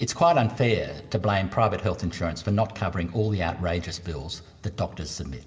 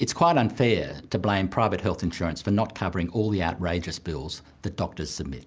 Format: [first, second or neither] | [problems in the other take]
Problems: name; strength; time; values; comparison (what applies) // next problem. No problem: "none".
second | room echo; dies away in 1.6 s